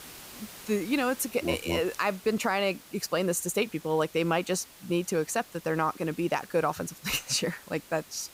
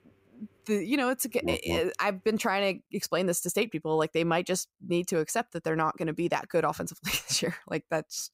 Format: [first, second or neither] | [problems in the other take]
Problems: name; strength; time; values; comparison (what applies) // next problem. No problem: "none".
second | hiss; noticeable; throughout; 20 dB below the speech